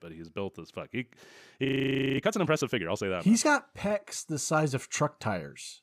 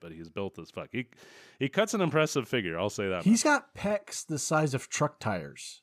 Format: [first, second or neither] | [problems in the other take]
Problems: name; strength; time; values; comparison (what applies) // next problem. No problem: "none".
second | audio freezing; at 1.5 s for 0.5 s